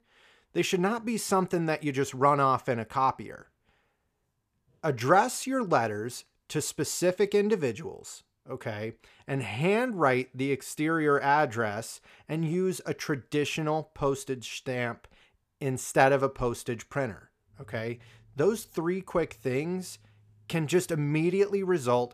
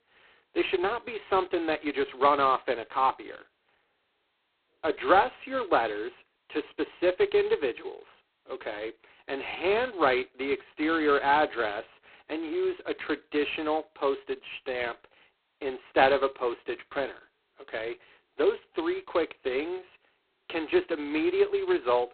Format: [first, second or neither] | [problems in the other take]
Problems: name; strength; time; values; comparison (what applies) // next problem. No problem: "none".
first | phone-call audio; poor line; nothing above 4 kHz